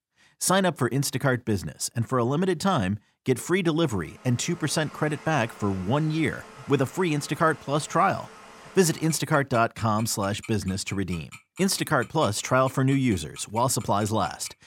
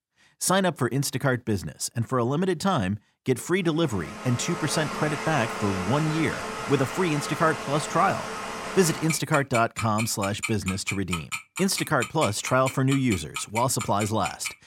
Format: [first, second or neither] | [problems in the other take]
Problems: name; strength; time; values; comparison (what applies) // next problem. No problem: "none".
first | household noises; loud; from 4.5 s on; 7 dB below the speech; faint in the first